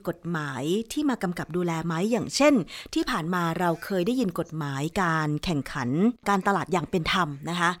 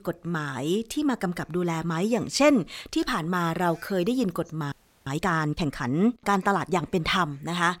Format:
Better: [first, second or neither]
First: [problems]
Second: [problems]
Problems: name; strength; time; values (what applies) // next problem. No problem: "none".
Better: first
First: none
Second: audio freezing; at 4.5 s